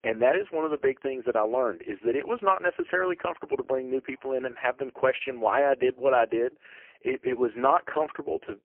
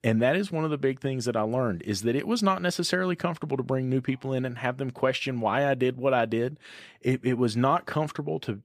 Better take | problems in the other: second | phone-call audio; poor line; nothing above 3 kHz

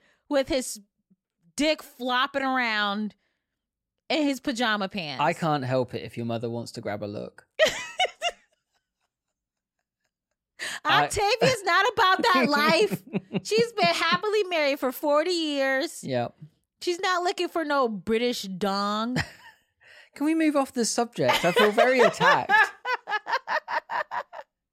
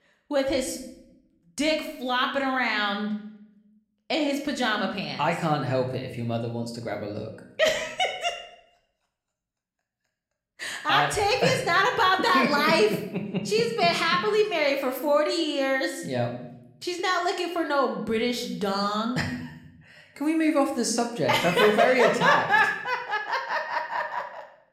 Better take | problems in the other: first | room echo; slight; dies away in 0.6 s

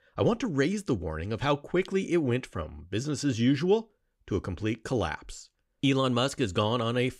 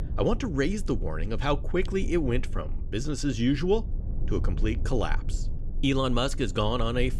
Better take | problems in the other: first | low rumble; noticeable; throughout; 20 dB below the speech

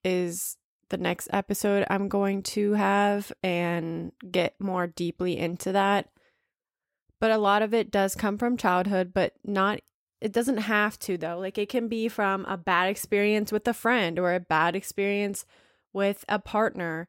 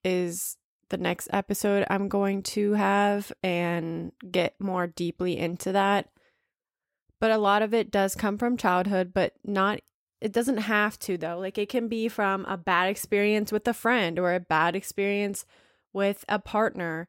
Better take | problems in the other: neither | none

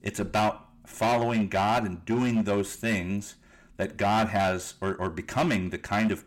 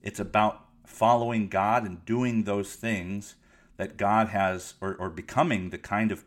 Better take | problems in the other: second | distortion; heavy; 11% of the sound clipped

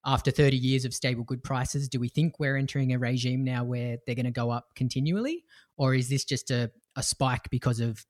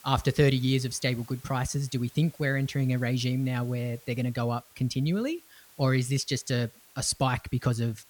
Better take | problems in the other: first | hiss; faint; throughout; 25 dB below the speech

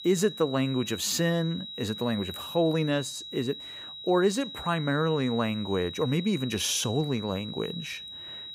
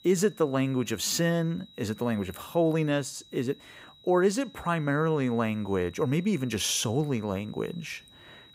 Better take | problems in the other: second | high-pitched whine; loud; throughout; 4 kHz, 10 dB below the speech; faint in the second

